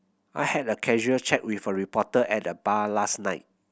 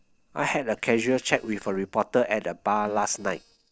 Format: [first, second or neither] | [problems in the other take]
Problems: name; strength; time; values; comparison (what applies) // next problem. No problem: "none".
first | noise reduction (neural separator model SepFormer DNS4)